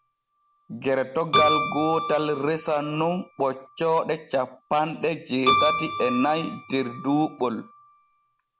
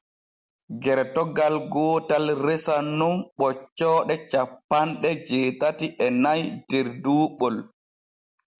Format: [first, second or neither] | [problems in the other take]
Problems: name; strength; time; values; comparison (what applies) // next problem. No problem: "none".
second | background sound (Keyboard (musical)); 4 dB below the speech